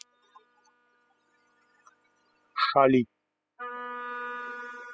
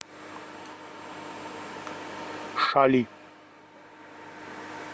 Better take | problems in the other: second | noise reduction (classical method spectral subtraction)

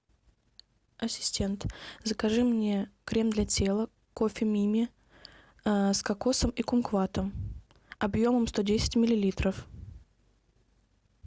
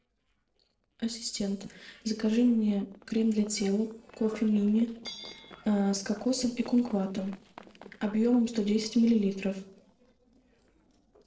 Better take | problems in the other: first | noise reduction (neural separator model SepFormer DNS4)

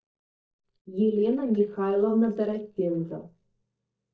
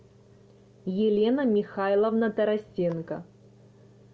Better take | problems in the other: second | noise reduction (neural mask model DeepFilterNet 3)

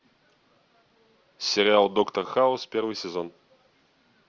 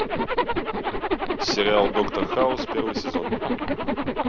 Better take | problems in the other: first | background sound (Zipper (clothing)); 2 dB above the speech

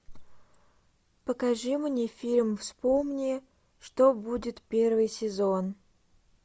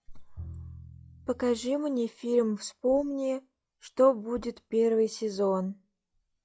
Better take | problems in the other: first | noise reduction (classical method log-MMSE)

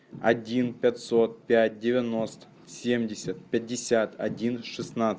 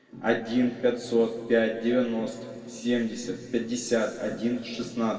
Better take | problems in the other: first | room echo; dies away in 1.9 s

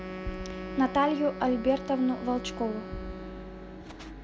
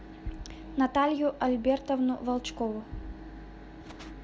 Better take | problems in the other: second | background sound (Wind instrument, woodwind instrument); 10 dB below the speech

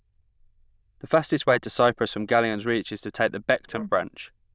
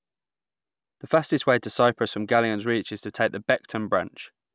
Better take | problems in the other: second | noise reduction (neural diffusion model UNIVERSE++)

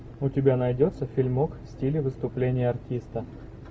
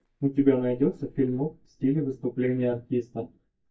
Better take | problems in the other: first | noise reduction (neural mask model DeepFilterNet 3)

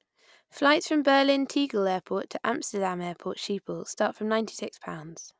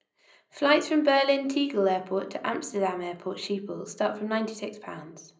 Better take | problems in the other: first | room echo; dies away in 0.4 s

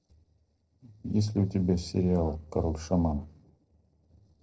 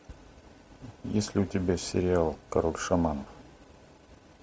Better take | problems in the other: second | noise reduction (neural separator model SepFormer DNS4)

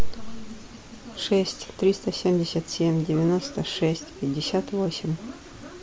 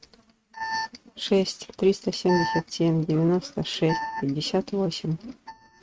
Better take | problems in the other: first | noise reduction (neural mask model RNNoise)

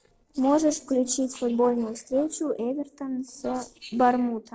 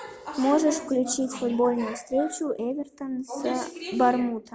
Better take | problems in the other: second | noise reduction (neural separator model SepFormer DNS4)

